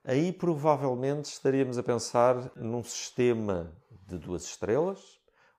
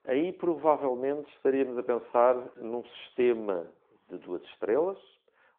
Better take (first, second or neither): first